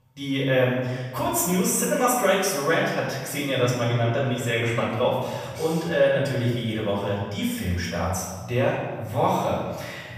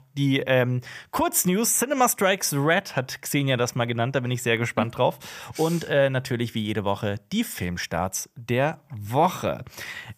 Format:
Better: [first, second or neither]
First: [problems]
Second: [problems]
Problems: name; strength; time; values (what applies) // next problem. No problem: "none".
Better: second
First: off-mic speech; far // room echo; noticeable; dies away in 1.2 s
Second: none